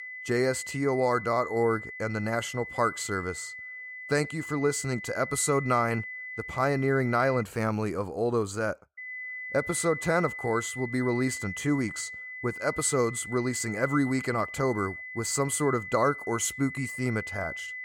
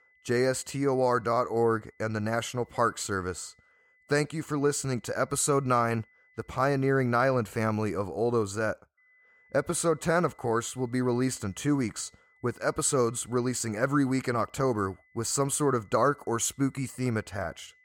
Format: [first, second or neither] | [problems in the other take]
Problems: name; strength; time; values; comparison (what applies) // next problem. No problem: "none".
second | high-pitched whine; loud; until 7.5 s and from 9 s on; 2 kHz, 9 dB below the speech; faint in the second